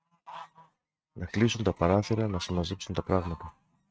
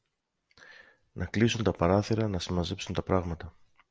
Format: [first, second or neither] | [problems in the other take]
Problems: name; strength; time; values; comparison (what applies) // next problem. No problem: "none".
second | noise reduction (neural mask model RNNoise)